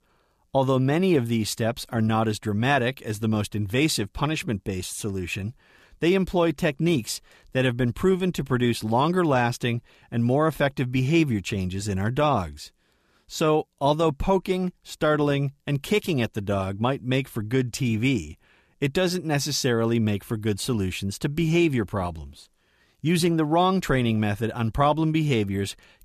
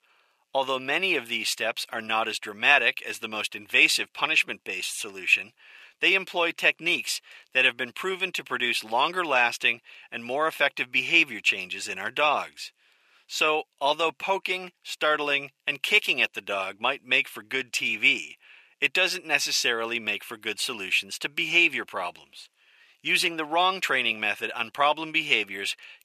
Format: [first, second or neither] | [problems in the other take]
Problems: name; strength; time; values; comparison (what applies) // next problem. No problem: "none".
first | thin; very; fading below 550 Hz